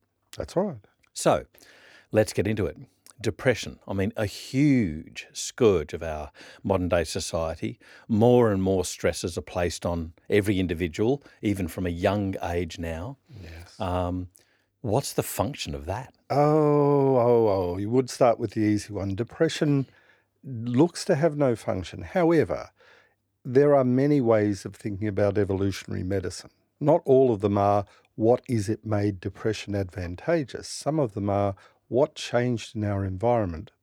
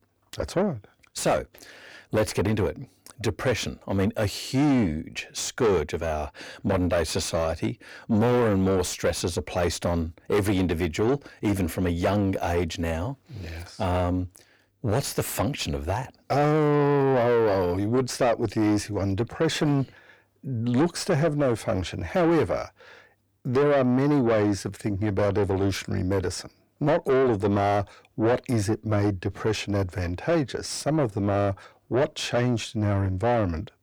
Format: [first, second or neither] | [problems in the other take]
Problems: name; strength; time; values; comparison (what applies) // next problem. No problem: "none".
first | distortion; heavy; 7 dB below the speech